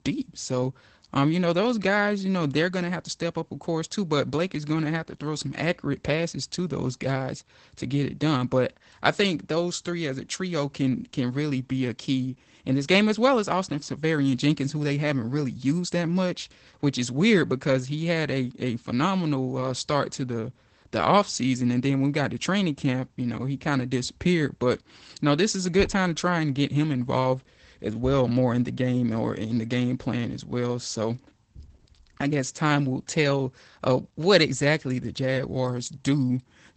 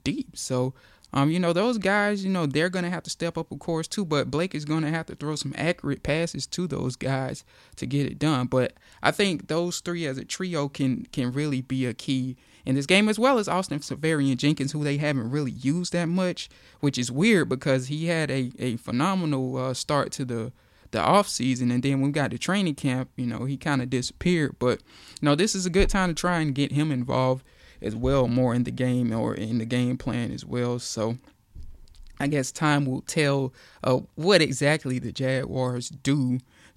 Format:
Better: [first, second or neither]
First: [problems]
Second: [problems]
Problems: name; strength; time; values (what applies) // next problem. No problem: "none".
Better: second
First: garbled, watery; badly; nothing above 8 kHz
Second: none